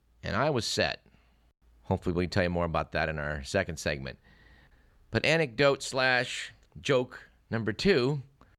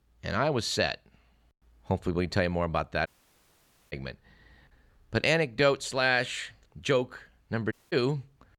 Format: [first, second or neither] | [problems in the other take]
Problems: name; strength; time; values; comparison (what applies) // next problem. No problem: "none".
first | audio cutting out; at 3 s for 1 s and at 7.5 s